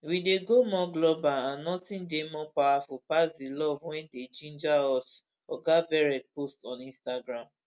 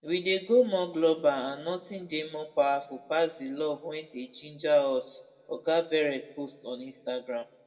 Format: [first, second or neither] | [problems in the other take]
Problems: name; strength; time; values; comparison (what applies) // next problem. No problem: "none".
first | room echo; dies away in 0.9 s